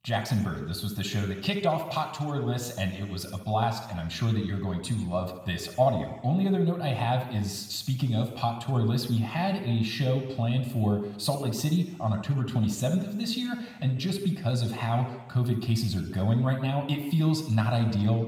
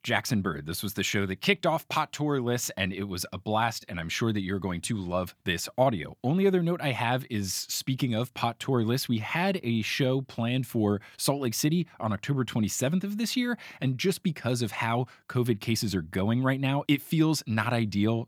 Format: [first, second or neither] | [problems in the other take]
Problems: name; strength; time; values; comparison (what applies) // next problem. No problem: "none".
second | room echo; noticeable; dies away in 0.9 s // off-mic speech; somewhat distant